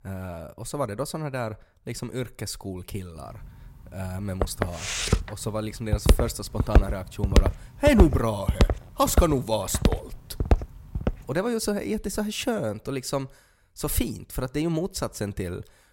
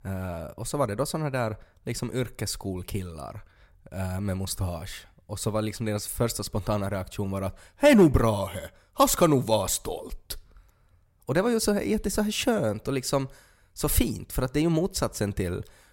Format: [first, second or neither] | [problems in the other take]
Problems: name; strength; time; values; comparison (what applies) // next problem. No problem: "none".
second | footsteps; loud; from 4.5 to 11 s; peak 5 dB above the speech